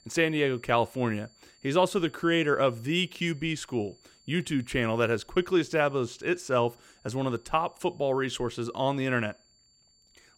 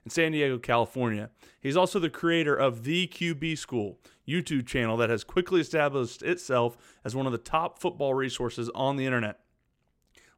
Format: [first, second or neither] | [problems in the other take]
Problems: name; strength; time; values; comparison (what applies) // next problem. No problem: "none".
second | high-pitched whine; faint; throughout; 4.5 kHz, 30 dB below the speech